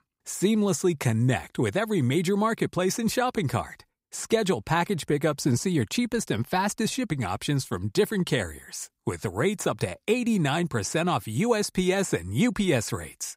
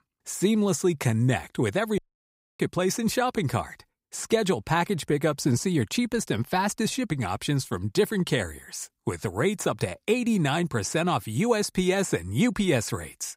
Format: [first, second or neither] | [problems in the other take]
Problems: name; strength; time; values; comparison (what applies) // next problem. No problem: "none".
first | audio cutting out; at 2 s for 0.5 s